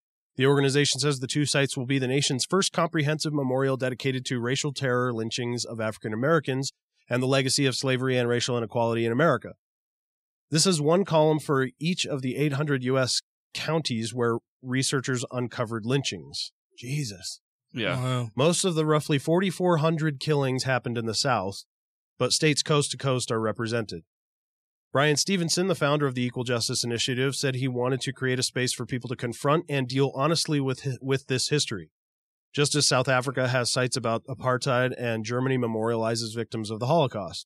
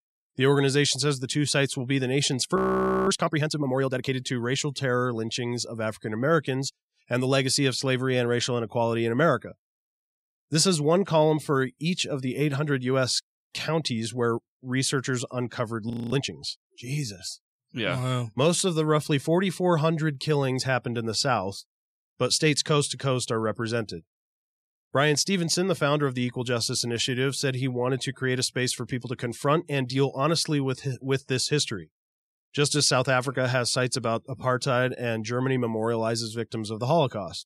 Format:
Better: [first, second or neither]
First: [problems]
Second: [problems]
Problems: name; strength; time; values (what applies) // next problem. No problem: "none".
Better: first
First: none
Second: audio freezing; at 2.5 s for 0.5 s and at 16 s